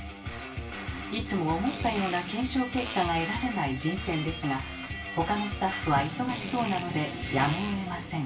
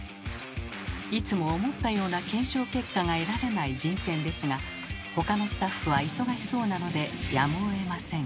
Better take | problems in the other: second | background sound (Fart); 13 dB below the speech // room echo; dies away in 0.3 s

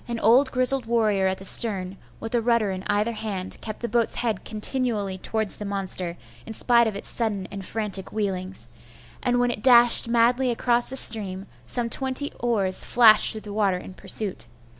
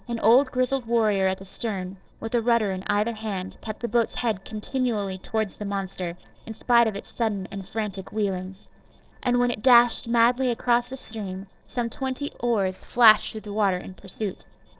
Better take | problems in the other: first | noise reduction (neural separator model SepFormer DNS4)

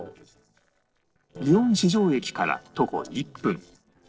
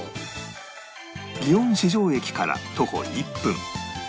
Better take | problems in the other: second | noise reduction (neural separator model SepFormer DNS4)

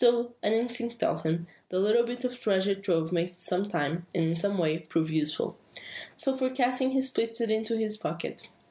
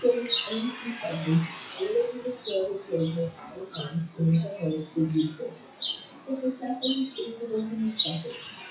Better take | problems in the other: first | noise reduction (classical method WPE with log-MMSE)

